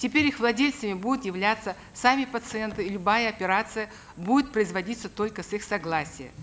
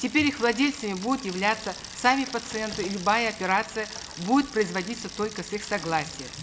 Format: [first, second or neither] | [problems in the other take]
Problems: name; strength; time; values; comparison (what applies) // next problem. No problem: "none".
first | background sound (Bicycle); 14 dB below the speech // room echo; dies away in 0.4 s